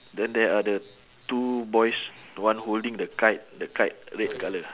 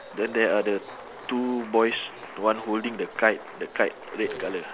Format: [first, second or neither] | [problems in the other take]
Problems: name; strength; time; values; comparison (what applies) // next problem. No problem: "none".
first | background sound (Applause); 16 dB below the speech